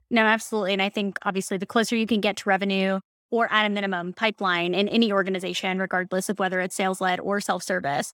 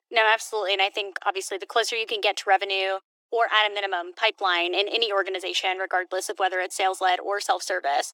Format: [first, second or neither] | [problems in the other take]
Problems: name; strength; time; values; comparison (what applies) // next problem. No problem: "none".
first | thin; very; fading below 300 Hz